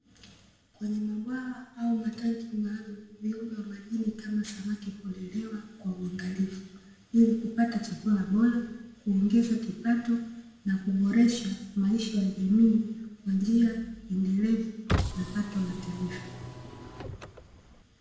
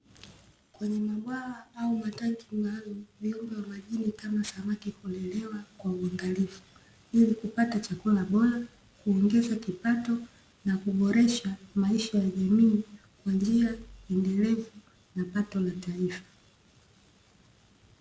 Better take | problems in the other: second | background sound (Car); 6 dB below the speech // room echo; dies away in 0.9 s

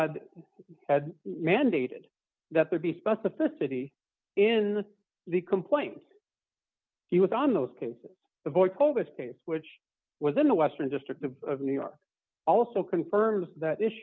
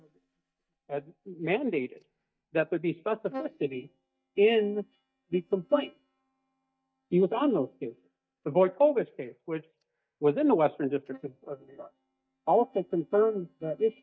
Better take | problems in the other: first | noise reduction (neural mask model DeepFilterNet 3)

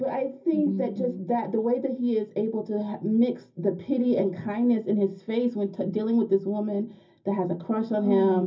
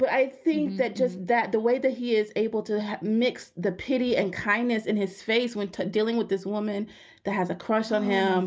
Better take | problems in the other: second | room echo; dies away in 0.4 s

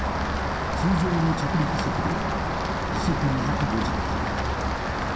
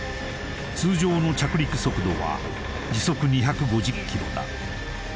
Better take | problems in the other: second | background sound (Rain); 2 dB above the speech // room echo; dies away in 0.7 s

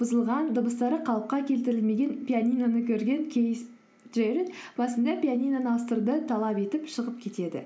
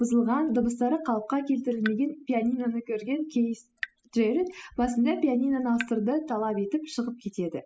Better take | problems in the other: first | noise reduction (classical method spectral subtraction)

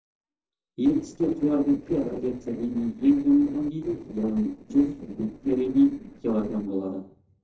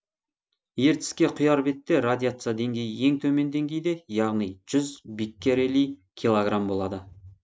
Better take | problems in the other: second | noise reduction (neural separator model SepFormer DNS4)

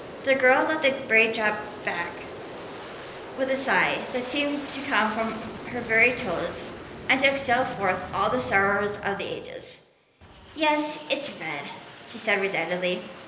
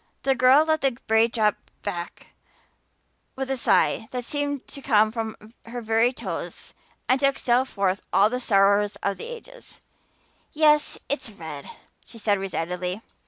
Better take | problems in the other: second | background sound (Aircraft); 13 dB below the speech // room echo; dies away in 0.8 s

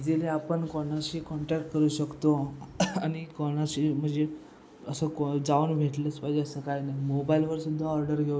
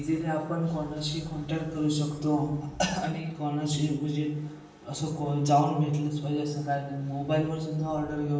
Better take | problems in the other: first | room echo; dies away in 0.7 s

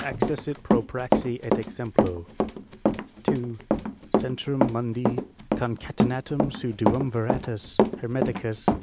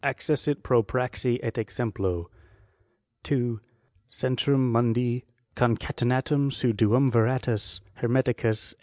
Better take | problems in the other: second | background sound (Run); 4 dB above the speech

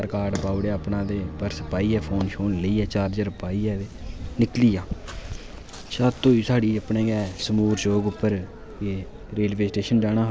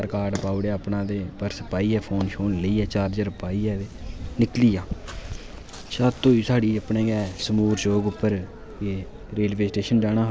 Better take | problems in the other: second | background sound (Bowed string instrument); 12 dB below the speech

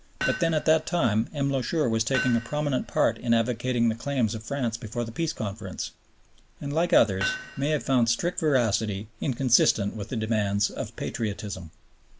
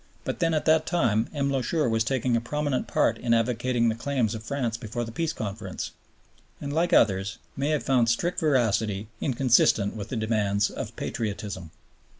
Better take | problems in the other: second | background sound (Hammer); 11 dB below the speech

